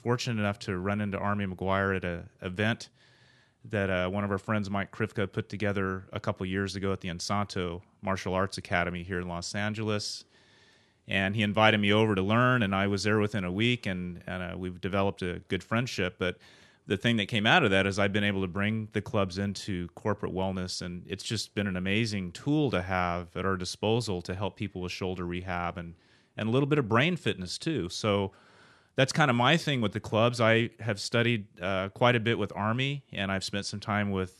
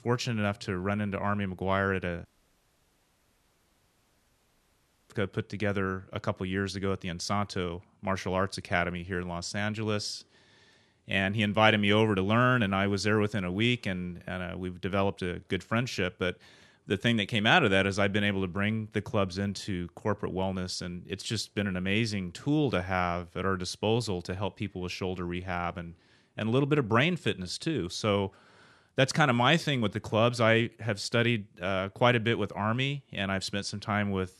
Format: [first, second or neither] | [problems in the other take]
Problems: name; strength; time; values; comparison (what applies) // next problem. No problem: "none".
first | audio cutting out; at 2.5 s for 3 s